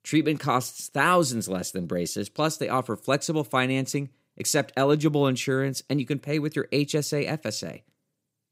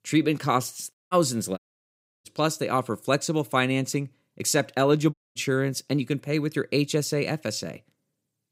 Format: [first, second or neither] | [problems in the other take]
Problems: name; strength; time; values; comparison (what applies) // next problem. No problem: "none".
first | audio cutting out; at 1 s, at 1.5 s for 0.5 s and at 5 s